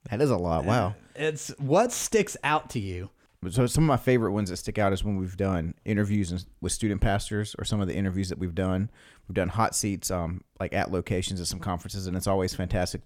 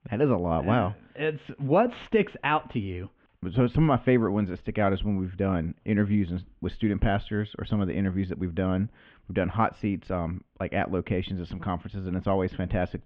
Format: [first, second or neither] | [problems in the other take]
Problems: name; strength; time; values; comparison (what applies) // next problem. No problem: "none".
first | muffled; very; fading above 3 kHz